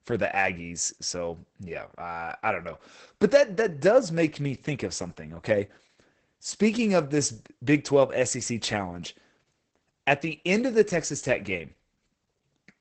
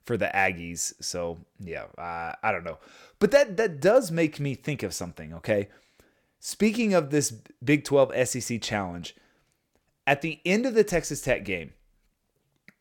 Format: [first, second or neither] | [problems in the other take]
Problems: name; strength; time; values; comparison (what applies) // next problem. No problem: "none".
second | garbled, watery; badly; nothing above 8 kHz